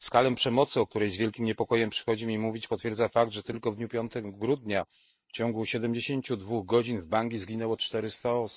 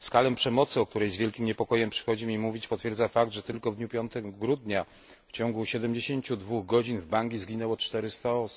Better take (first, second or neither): second